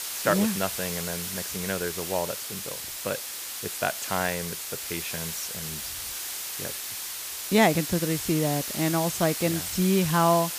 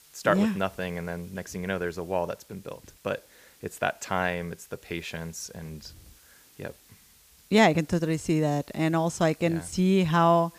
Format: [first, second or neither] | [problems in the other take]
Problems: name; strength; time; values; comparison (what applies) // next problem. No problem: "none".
second | hiss; loud; throughout; 4 dB below the speech; faint in the second